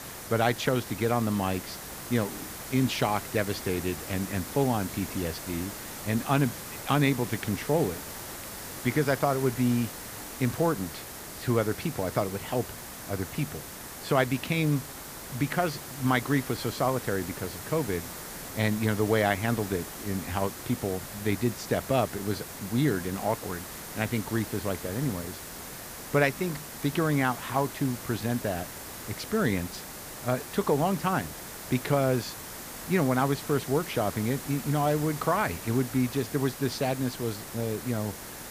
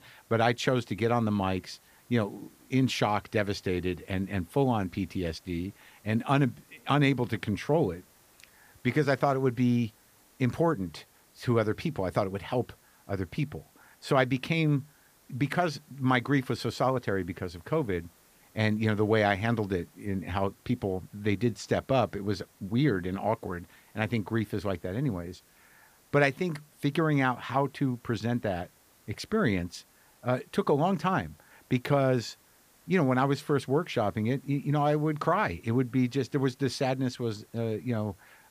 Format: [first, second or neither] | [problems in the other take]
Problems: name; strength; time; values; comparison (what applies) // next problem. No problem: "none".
second | hiss; loud; throughout; 9 dB below the speech; faint in the second